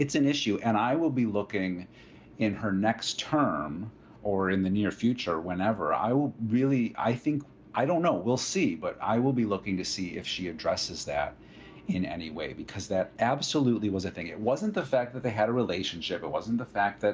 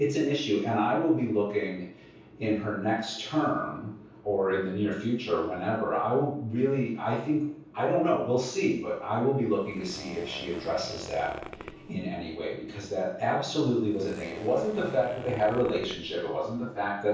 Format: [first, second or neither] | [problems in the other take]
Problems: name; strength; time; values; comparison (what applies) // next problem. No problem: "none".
first | background sound (Zipper (clothing)); 16 dB below the speech // room echo; dies away in 0.6 s